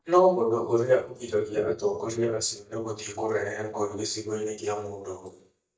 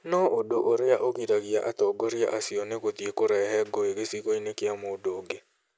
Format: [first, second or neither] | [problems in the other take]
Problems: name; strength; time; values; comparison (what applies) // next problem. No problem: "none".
second | noise reduction (neural mask model DeepFilterNet 3)